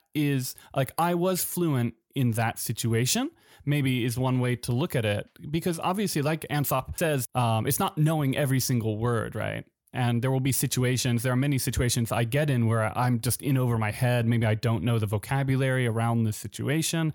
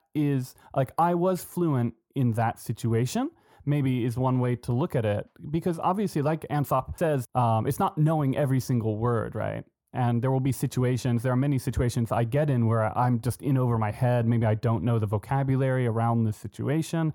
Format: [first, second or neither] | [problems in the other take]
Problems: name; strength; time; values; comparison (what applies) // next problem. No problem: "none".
first | muffled; slightly; fading above 1.5 kHz